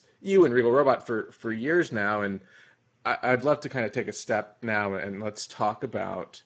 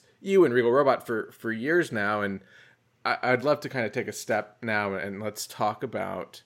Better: second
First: garbled, watery; badly; nothing above 7.5 kHz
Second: none

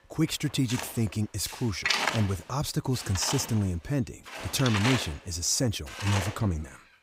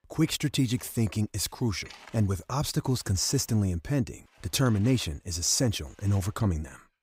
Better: second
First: machinery noise; loud; throughout; 3 dB below the speech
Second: machinery noise; faint; throughout; 25 dB below the speech

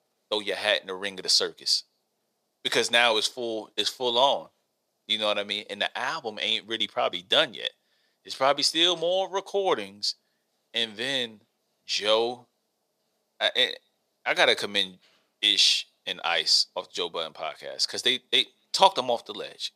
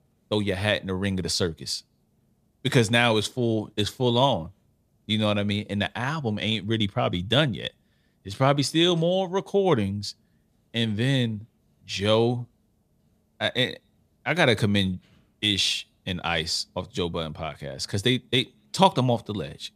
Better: second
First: thin; very; fading below 550 Hz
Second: none

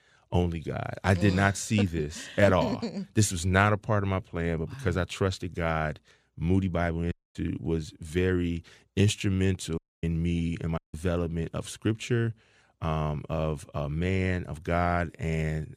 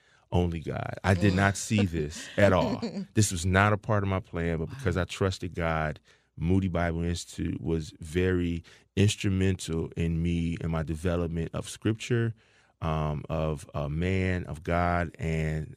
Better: second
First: audio cutting out; at 7 s, at 10 s and at 11 s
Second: none

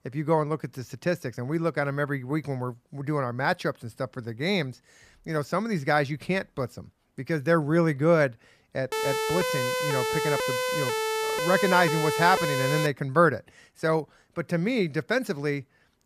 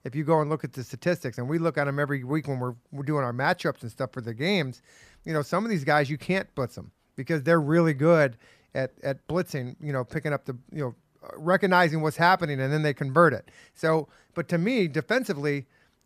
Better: second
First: siren; loud; from 9 to 13 s; peak level with the speech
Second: none

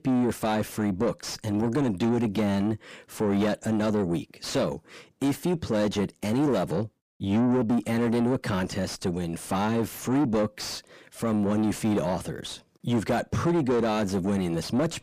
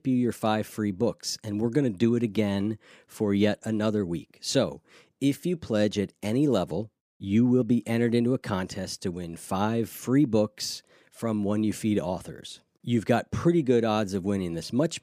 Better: second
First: distortion; heavy; 7 dB below the speech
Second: none

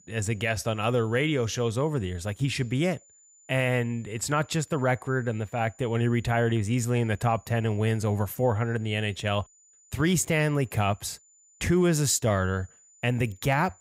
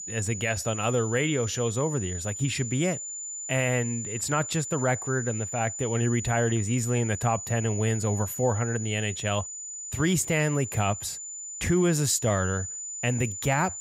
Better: first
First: high-pitched whine; faint; throughout; 7 kHz, 30 dB below the speech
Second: high-pitched whine; loud; throughout; 7 kHz, 7 dB below the speech

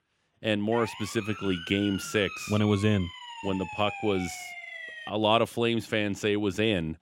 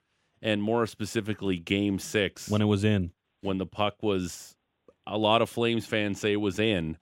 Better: second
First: siren; noticeable; from 0.5 to 5 s; peak 9 dB below the speech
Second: none

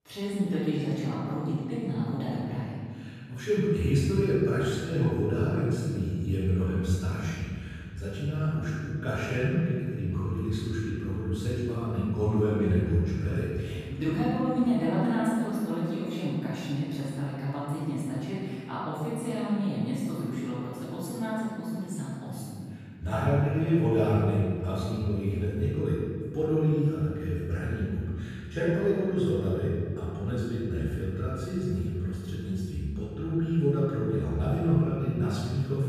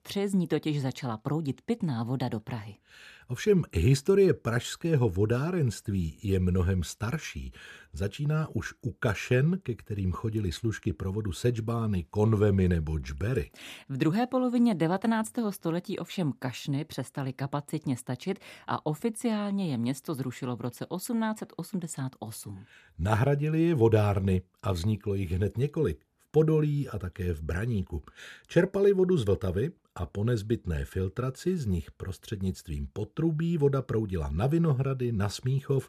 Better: second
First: room echo; strong; dies away in 2 s // off-mic speech; far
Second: none

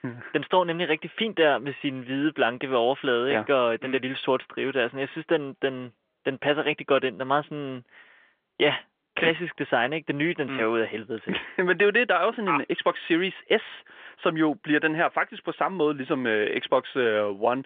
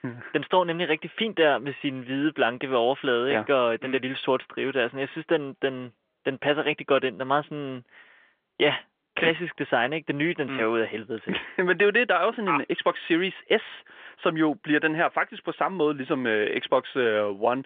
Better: neither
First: phone-call audio; nothing above 3.5 kHz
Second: phone-call audio; nothing above 3.5 kHz

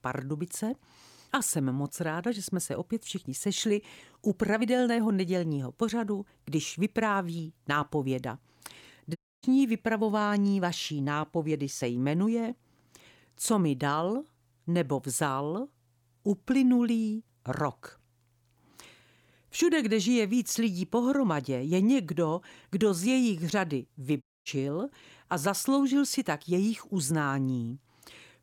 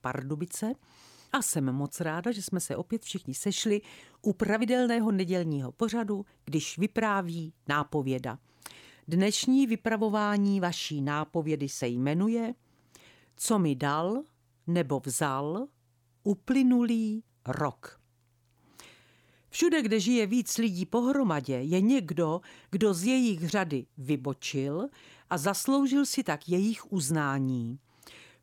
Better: second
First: audio cutting out; at 9 s and at 24 s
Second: none

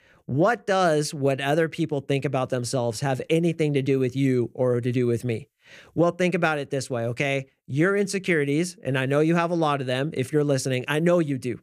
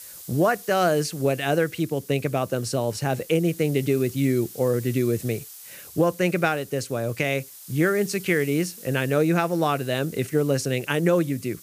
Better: first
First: none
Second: hiss; noticeable; throughout; 15 dB below the speech

